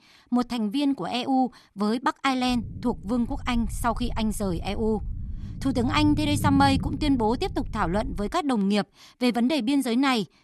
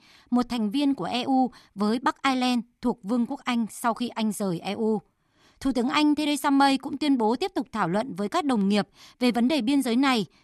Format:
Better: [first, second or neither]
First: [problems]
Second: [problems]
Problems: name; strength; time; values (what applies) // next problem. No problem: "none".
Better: second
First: low rumble; noticeable; from 2.5 to 8.5 s; 20 dB below the speech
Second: none